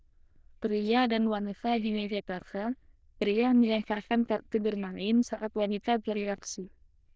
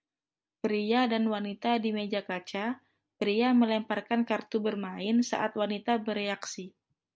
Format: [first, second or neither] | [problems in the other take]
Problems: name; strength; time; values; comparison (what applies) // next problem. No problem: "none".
second | noise reduction (neural diffusion model UNIVERSE++)